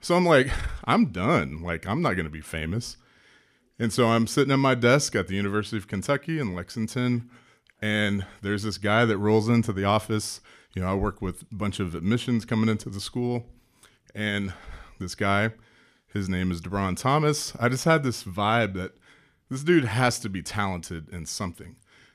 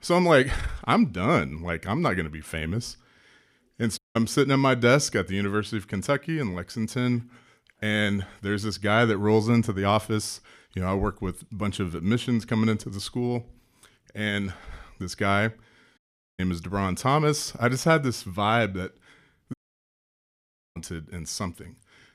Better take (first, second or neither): first